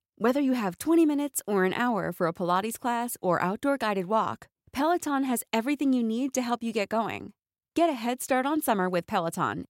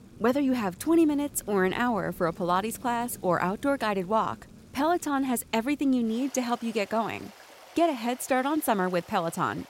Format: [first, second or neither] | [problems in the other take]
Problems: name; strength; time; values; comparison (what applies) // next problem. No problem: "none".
first | rain or running water; faint; throughout; 20 dB below the speech